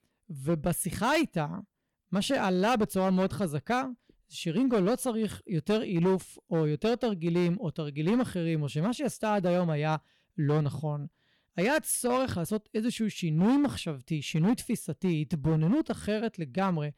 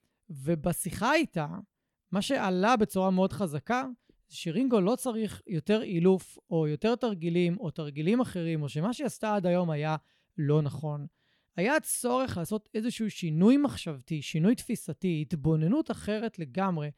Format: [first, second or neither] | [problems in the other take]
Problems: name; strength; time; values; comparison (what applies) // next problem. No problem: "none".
second | distortion; slight; 7% of the sound clipped